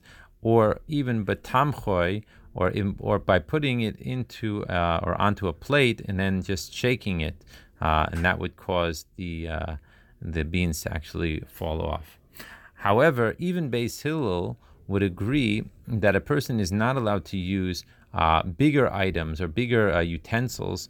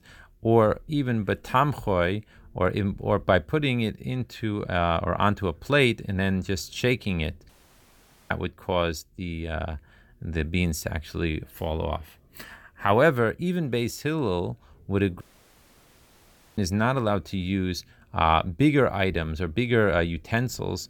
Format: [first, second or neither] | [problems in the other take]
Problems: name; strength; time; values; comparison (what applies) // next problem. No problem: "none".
first | audio cutting out; at 7.5 s for 1 s and at 15 s for 1.5 s